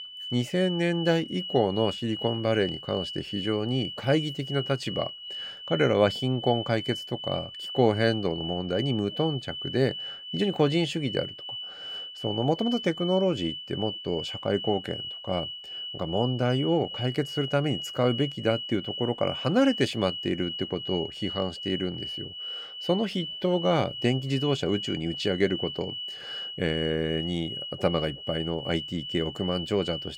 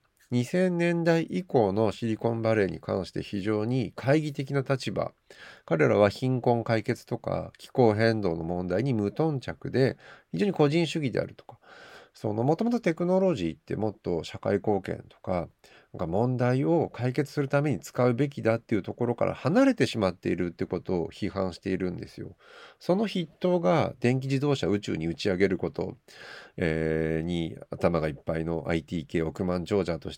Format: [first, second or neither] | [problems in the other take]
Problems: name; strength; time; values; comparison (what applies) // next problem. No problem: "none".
second | high-pitched whine; loud; throughout; 3 kHz, 7 dB below the speech